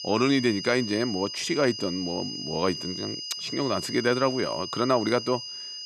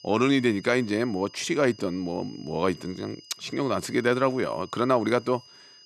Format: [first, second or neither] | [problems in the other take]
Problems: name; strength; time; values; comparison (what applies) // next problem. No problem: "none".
second | high-pitched whine; loud; throughout; 5 kHz, 7 dB below the speech; faint in the second